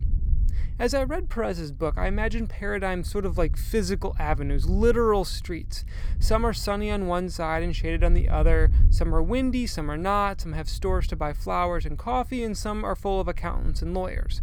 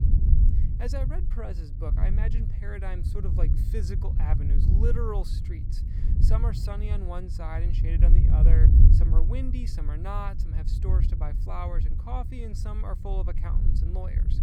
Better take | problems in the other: first | low rumble; loud; throughout; 3 dB below the speech; faint in the first

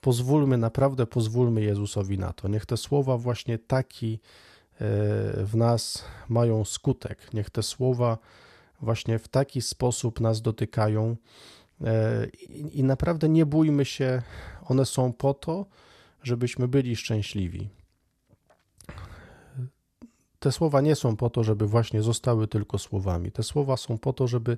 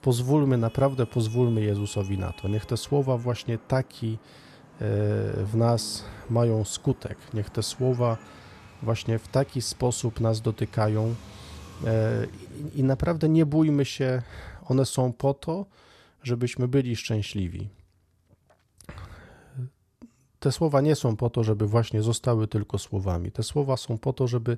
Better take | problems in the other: first | traffic noise; faint; throughout; 20 dB below the speech

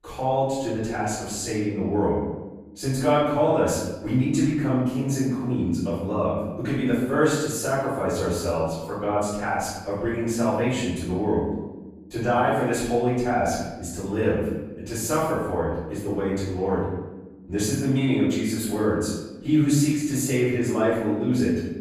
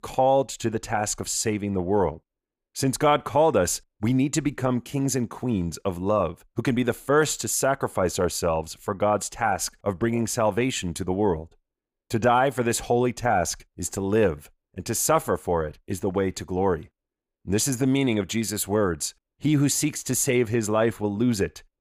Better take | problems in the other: second | room echo; strong; dies away in 1.1 s // off-mic speech; far

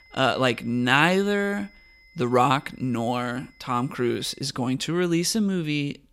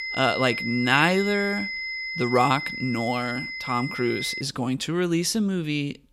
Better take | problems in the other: first | high-pitched whine; loud; until 4.5 s; 2 kHz, 5 dB below the speech; faint in the first

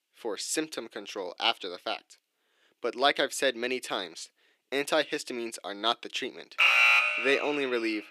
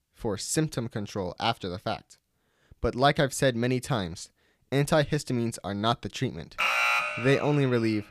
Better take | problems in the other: second | thin; somewhat; fading below 350 Hz

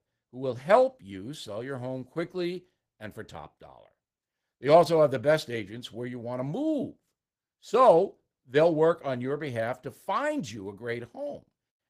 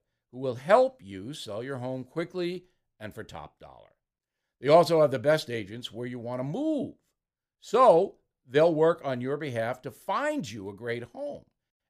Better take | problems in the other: second | garbled, watery; slightly; nothing above 15 kHz

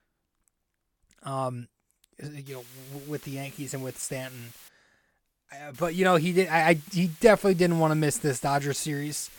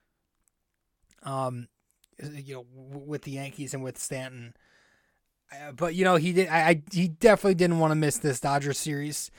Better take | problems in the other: second | hiss; very faint; from 2.5 to 4.5 s and from 5.5 s on; 20 dB below the speech

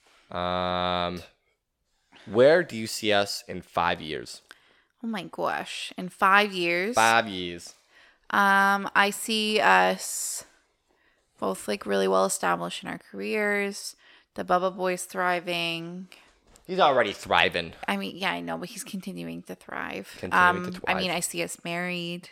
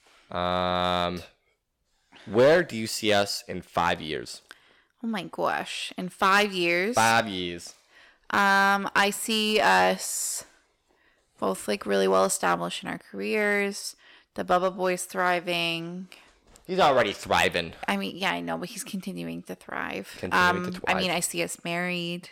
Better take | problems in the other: first | distortion; slight; 2% of the sound clipped

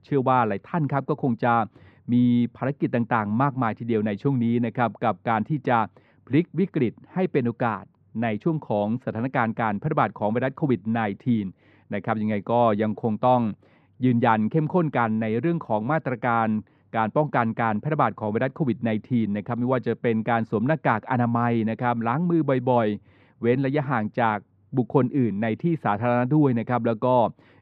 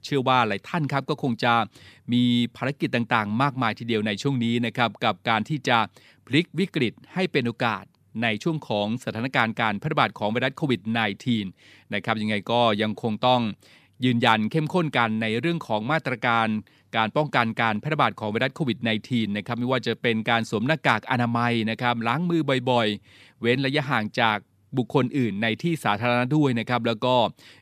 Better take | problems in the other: second | muffled; very; fading above 3 kHz

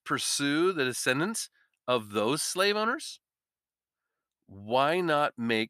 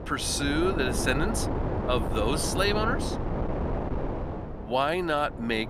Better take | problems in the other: first | wind noise on the microphone; heavy; 7 dB below the speech

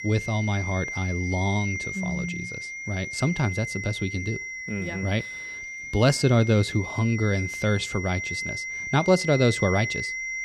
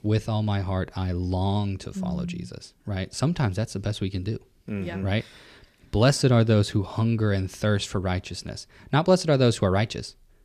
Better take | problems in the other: second | high-pitched whine; loud; throughout; 2 kHz, 6 dB below the speech

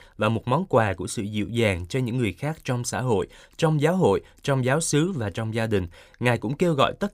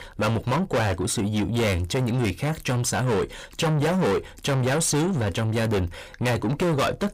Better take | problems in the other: first | distortion; heavy; 6 dB below the speech

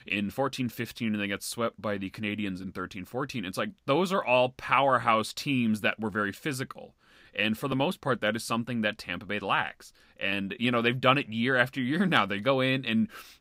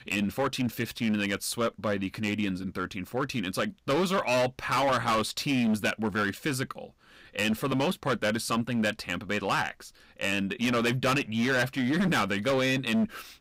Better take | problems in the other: first | distortion; heavy; 12% of the sound clipped

